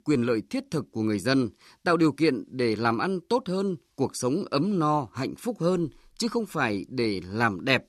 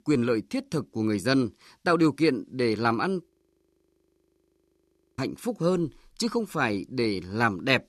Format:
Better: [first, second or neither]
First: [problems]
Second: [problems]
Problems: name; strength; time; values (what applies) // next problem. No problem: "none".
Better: first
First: none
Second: audio freezing; at 3.5 s for 2 s